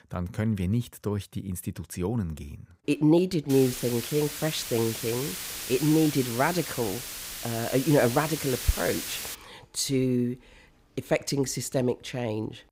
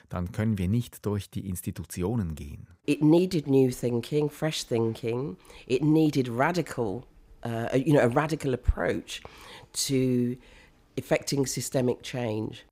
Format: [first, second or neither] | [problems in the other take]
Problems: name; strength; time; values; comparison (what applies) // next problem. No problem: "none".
second | hiss; loud; from 3.5 to 9.5 s; 6 dB below the speech